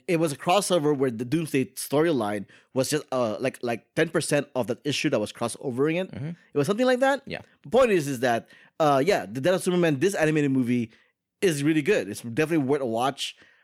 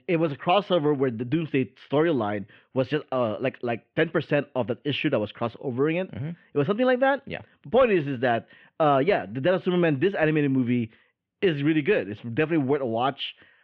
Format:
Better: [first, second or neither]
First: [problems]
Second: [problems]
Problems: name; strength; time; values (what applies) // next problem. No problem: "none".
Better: first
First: none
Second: muffled; very; fading above 3 kHz